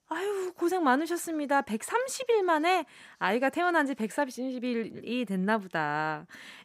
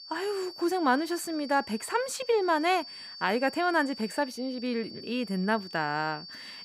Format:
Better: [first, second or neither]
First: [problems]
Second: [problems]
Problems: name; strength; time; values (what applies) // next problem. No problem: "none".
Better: first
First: none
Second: high-pitched whine; noticeable; throughout; 4.5 kHz, 15 dB below the speech